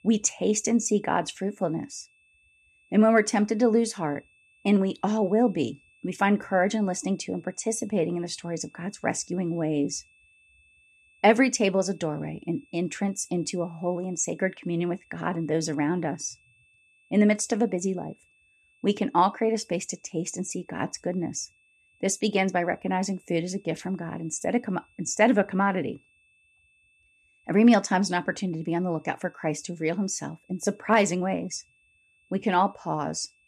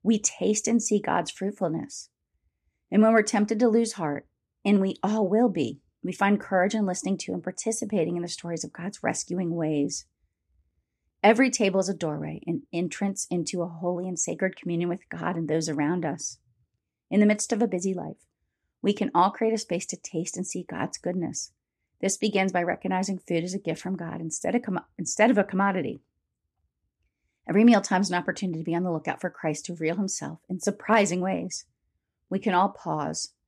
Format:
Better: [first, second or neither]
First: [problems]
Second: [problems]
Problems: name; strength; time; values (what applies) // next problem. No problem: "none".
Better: second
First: high-pitched whine; faint; throughout; 2.5 kHz, 35 dB below the speech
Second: none